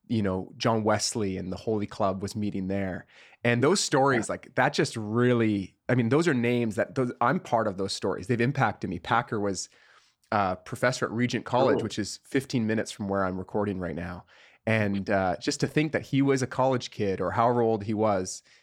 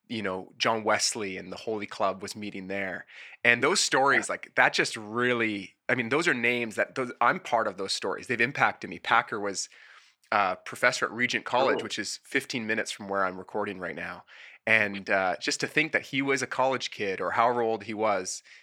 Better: first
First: none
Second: thin; somewhat; fading below 1 kHz

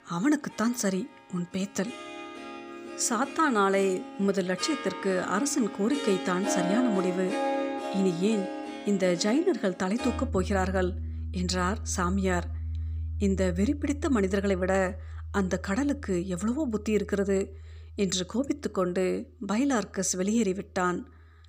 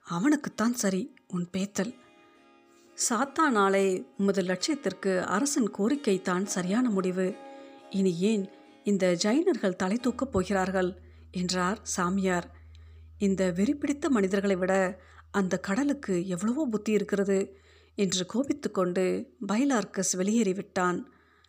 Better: second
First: background music; loud; throughout; 8 dB below the speech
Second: background music; faint; throughout; 25 dB below the speech

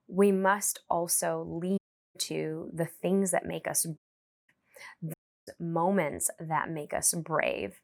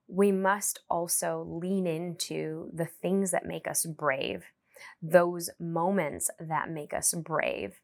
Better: second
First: audio cutting out; at 2 s, at 4 s for 0.5 s and at 5 s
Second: none

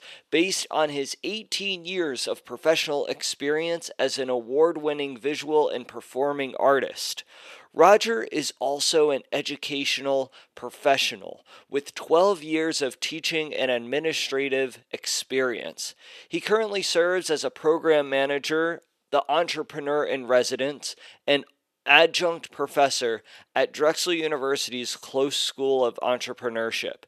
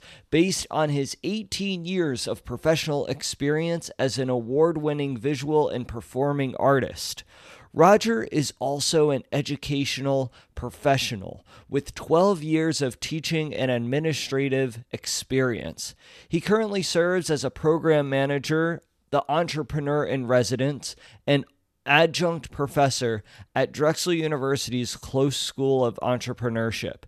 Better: second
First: thin; somewhat; fading below 400 Hz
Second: none

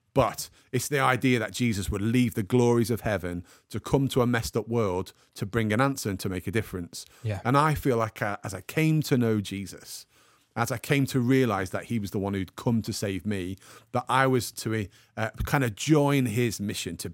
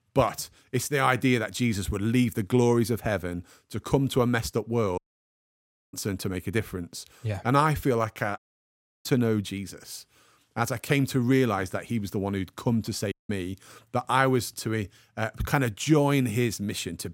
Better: first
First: none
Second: audio cutting out; at 5 s for 1 s, at 8.5 s for 0.5 s and at 13 s

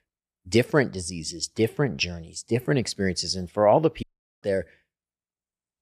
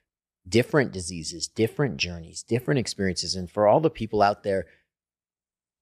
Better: second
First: audio cutting out; at 4 s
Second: none

